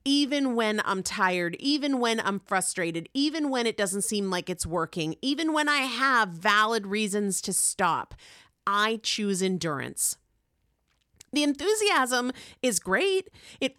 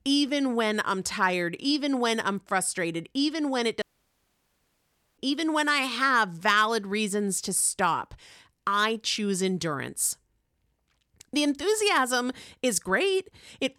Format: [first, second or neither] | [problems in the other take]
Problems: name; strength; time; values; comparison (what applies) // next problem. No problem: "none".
first | audio cutting out; at 4 s for 1.5 s